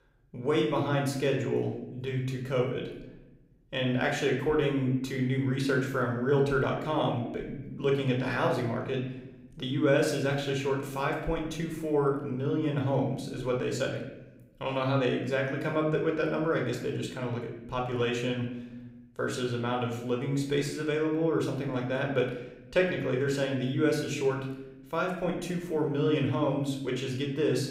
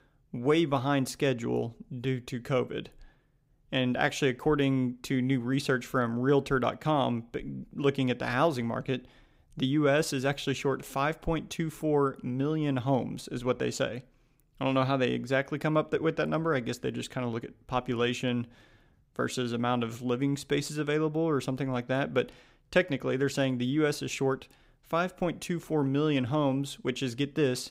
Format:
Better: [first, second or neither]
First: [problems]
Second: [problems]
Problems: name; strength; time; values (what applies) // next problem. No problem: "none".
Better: second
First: room echo; slight; dies away in 0.8 s // off-mic speech; somewhat distant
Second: none